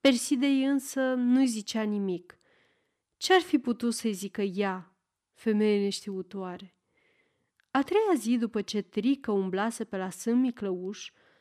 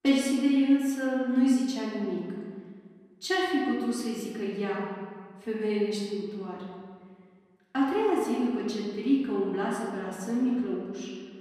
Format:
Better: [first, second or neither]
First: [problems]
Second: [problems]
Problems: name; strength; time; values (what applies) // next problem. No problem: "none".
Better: first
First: none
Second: off-mic speech; far // room echo; noticeable; dies away in 1.7 s